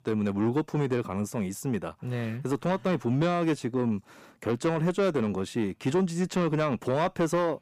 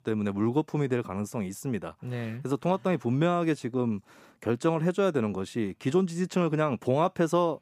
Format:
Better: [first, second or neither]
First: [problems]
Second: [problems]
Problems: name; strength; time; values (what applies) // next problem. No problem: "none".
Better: second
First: distortion; slight; 10 dB below the speech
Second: none